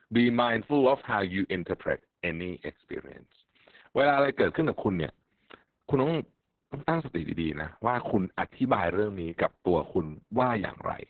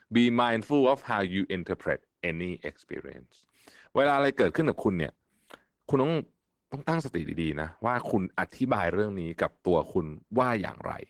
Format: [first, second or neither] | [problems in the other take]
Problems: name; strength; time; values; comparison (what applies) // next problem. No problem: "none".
second | garbled, watery; badly; nothing above 4 kHz; slightly in the second